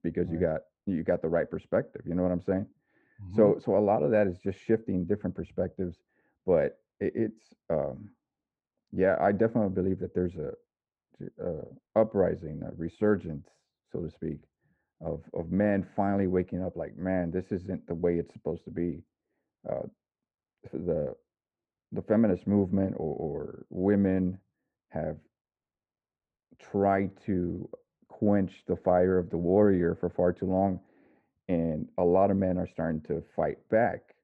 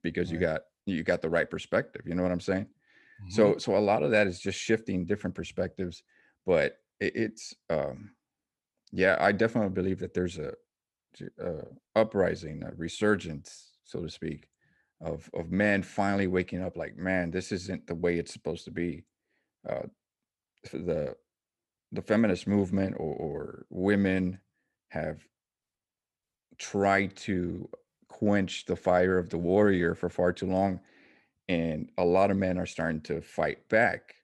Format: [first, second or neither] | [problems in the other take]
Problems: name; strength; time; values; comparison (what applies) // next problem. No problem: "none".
second | muffled; very; fading above 2 kHz